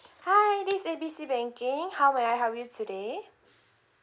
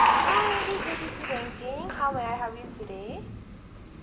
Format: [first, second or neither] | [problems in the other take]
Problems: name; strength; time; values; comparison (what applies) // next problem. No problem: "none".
first | background sound (Applause / Crowd); 4 dB above the speech // room echo; dies away in 0.8 s